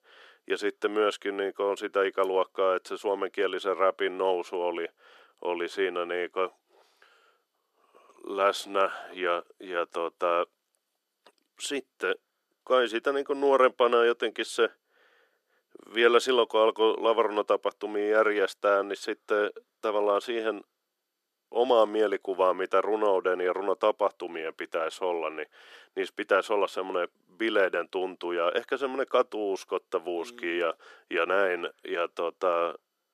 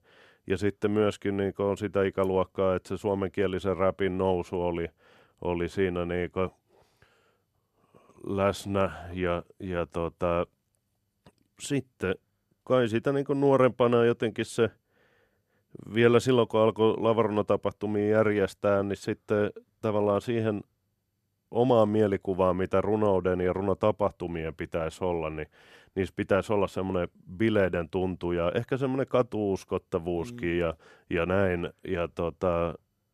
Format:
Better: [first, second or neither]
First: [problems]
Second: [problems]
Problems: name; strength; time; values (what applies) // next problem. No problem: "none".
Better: second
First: thin; somewhat; fading below 350 Hz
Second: none